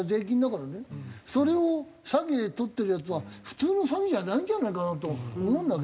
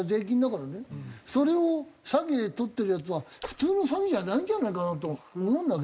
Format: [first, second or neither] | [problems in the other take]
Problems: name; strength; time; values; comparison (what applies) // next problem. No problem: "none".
first | noise reduction (neural mask model Resemble Enhance denoiser)